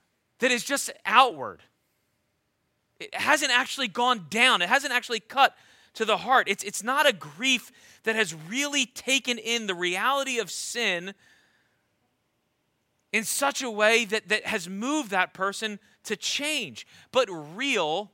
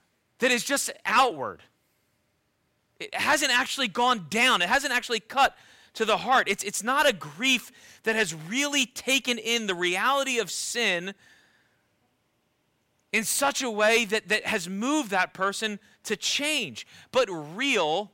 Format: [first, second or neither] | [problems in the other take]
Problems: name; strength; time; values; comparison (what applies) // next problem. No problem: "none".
first | distortion; slight; 10 dB below the speech